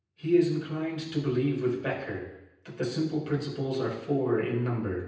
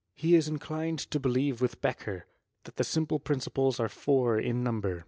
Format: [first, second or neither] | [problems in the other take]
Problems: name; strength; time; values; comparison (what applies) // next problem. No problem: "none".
second | room echo; dies away in 0.9 s